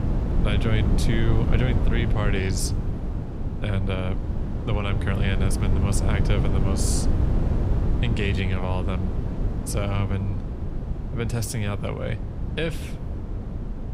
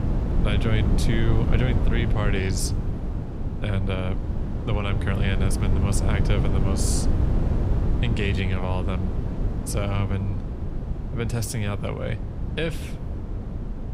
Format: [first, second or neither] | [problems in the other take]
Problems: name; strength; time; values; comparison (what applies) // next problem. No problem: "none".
neither | wind noise on the microphone; heavy; 5 dB below the speech; the same in both